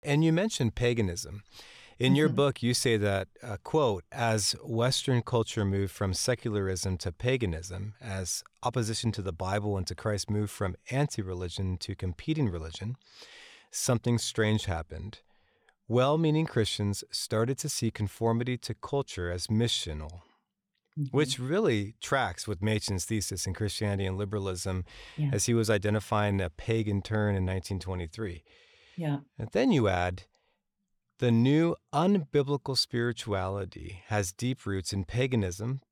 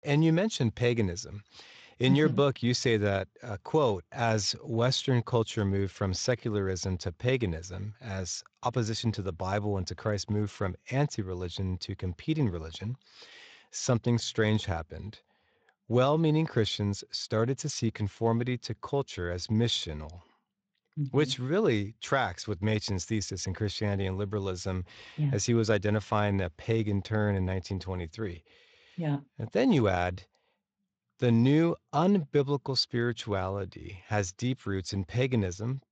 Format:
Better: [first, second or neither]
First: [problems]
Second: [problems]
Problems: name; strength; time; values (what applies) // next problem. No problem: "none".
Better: first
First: none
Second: garbled, watery; slightly